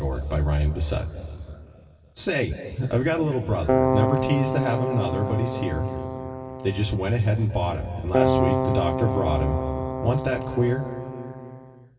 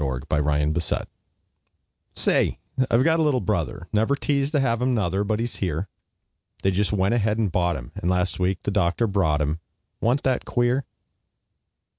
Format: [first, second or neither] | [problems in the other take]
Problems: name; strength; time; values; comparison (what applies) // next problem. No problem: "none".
second | background sound (Keyboard (musical)); 1 dB below the speech // room echo; dies away in 3 s